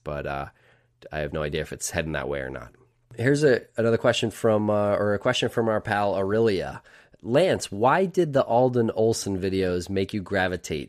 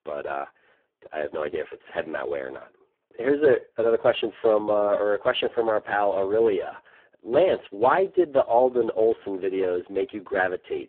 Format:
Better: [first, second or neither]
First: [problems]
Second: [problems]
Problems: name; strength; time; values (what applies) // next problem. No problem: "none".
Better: first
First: none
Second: phone-call audio; poor line